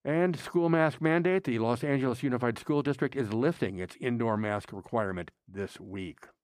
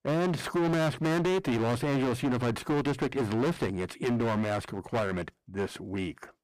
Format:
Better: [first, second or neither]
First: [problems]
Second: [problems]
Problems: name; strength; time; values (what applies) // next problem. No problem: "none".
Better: first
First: none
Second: distortion; heavy; 20% of the sound clipped